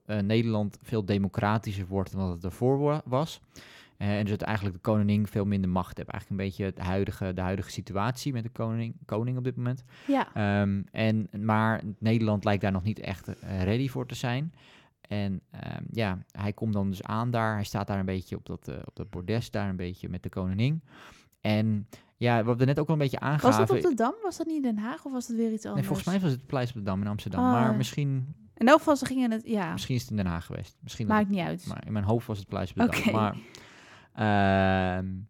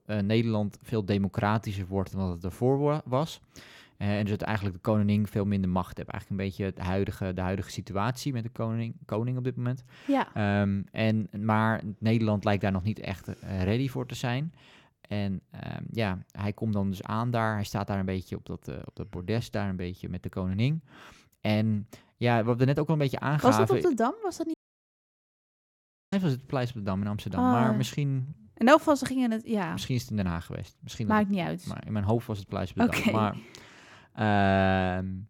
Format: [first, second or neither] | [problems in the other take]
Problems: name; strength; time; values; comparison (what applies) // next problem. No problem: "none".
first | audio cutting out; at 25 s for 1.5 s